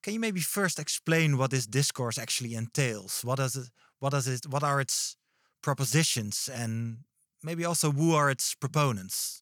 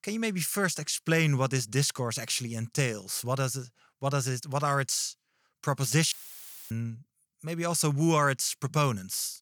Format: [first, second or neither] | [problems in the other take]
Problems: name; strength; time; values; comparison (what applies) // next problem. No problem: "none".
first | audio cutting out; filled with static; at 6 s for 0.5 s